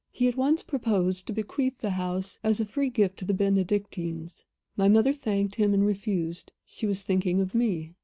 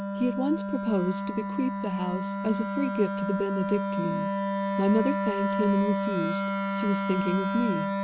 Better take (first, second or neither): first